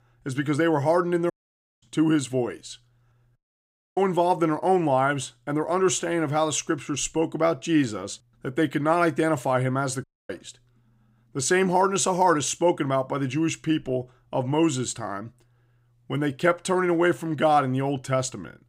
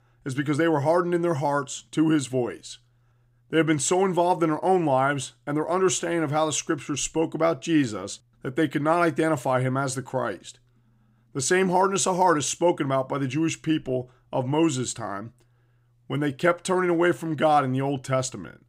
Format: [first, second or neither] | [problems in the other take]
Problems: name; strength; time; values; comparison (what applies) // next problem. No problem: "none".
second | audio cutting out; at 1.5 s for 0.5 s, at 3.5 s for 0.5 s and at 10 s